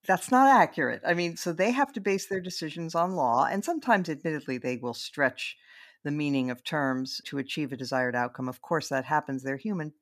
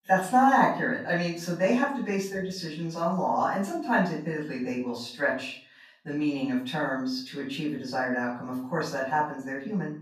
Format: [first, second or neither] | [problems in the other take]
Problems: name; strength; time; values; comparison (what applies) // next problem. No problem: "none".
first | off-mic speech; far // room echo; noticeable; dies away in 0.4 s